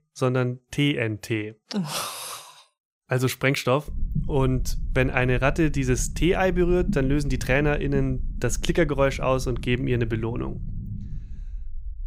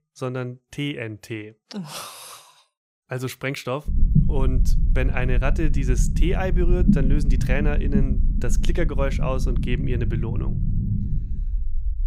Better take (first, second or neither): first